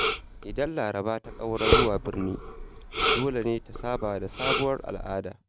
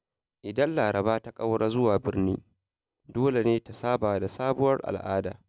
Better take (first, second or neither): second